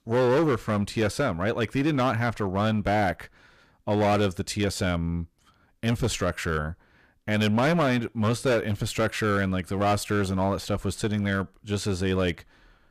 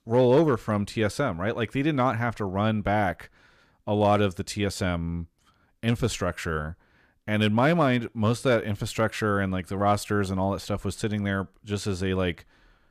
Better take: second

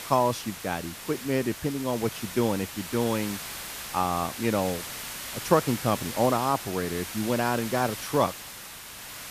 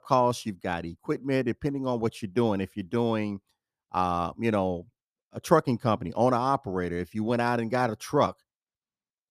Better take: second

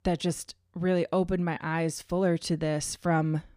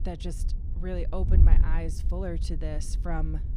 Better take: first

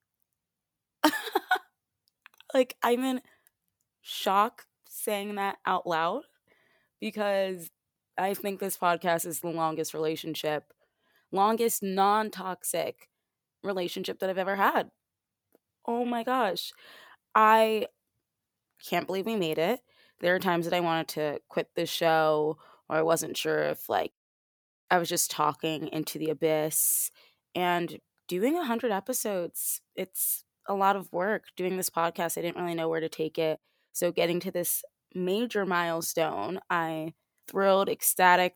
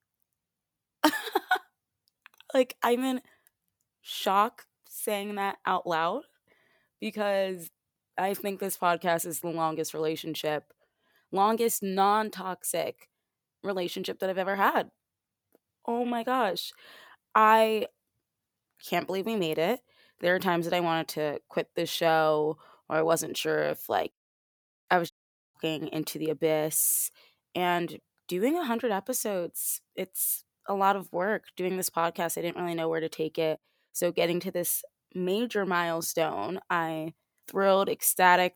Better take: first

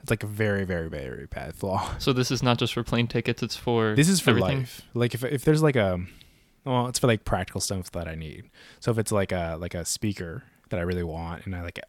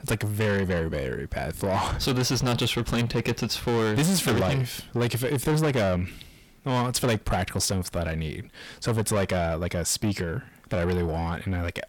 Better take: first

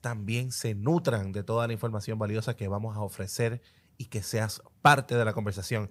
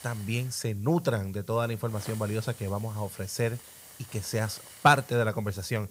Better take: first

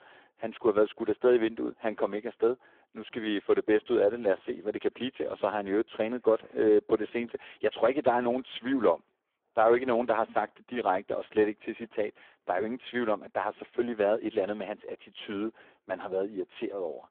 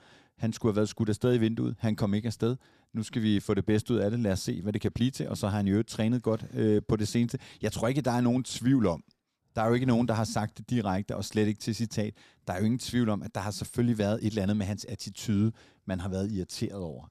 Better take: second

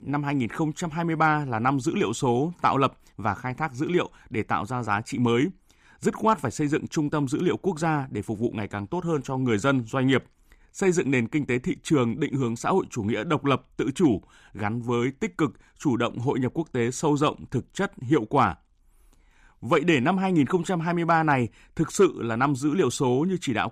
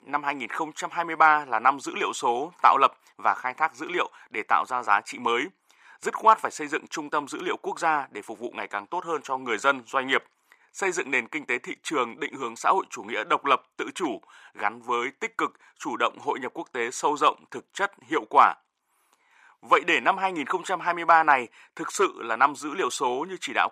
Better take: first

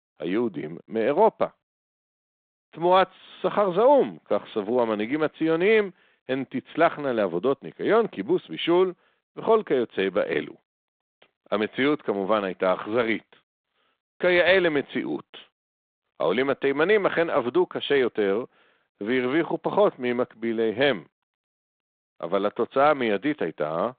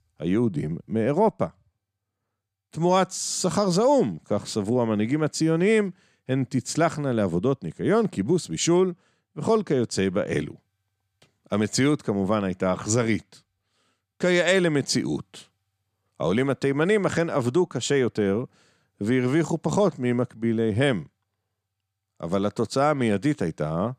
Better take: second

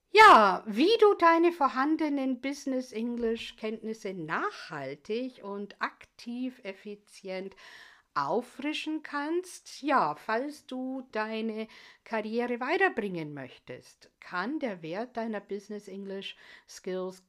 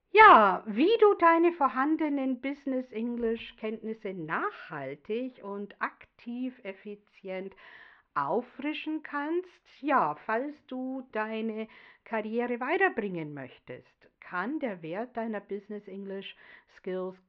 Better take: first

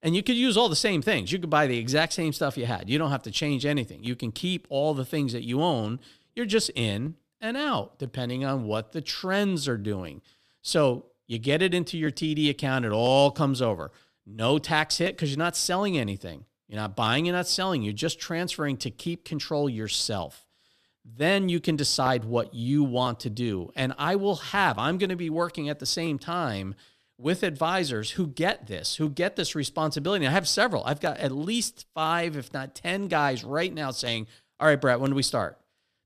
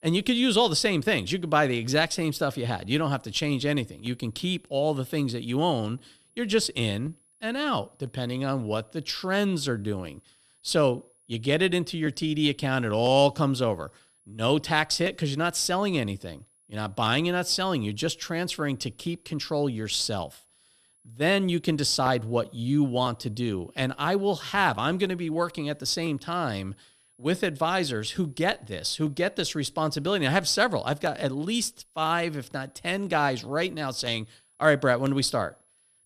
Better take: first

